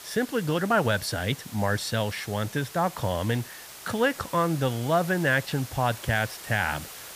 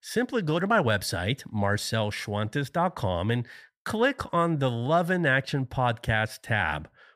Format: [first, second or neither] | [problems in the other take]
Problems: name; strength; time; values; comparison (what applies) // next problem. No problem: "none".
second | hiss; noticeable; throughout; 15 dB below the speech